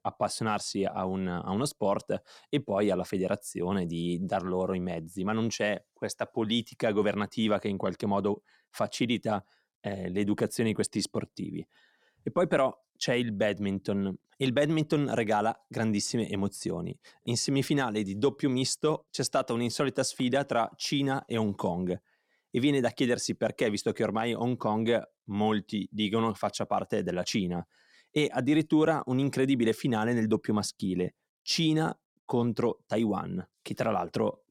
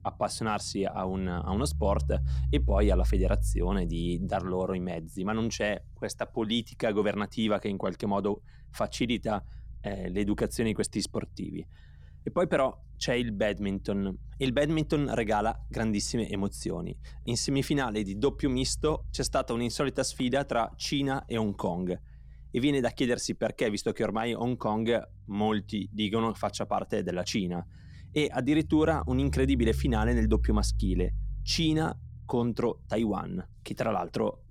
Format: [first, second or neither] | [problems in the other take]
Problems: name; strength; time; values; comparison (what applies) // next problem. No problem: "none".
first | low rumble; faint; throughout; 25 dB below the speech